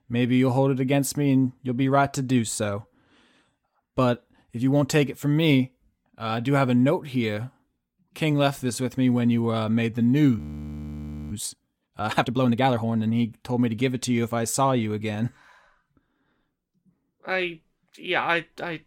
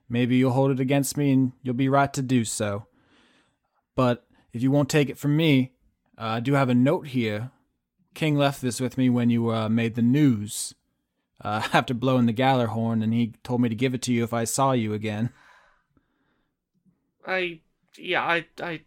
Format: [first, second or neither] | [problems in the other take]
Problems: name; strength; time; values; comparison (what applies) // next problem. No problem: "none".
second | audio freezing; at 10 s for 1 s